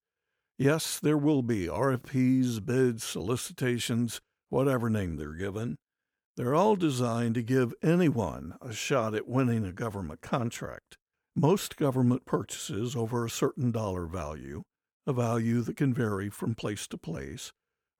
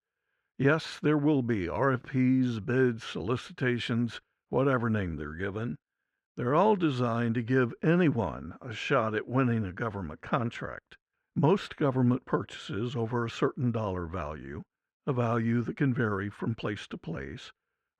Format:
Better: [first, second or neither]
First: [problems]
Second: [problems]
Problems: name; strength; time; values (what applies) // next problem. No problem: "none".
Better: first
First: none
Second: muffled; slightly; fading above 3 kHz